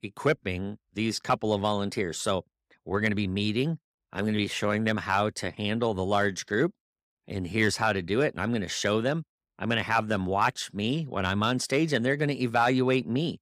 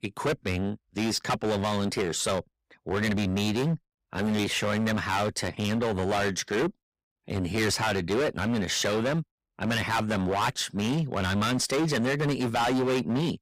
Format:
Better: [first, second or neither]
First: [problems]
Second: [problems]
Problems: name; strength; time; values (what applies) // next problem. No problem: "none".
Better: first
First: none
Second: distortion; heavy; 19% of the sound clipped